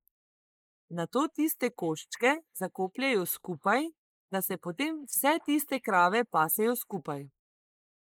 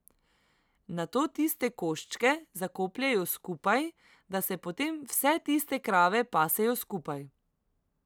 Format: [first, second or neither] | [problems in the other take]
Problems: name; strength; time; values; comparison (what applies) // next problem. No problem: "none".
second | noise reduction (neural mask model Resemble Enhance denoiser)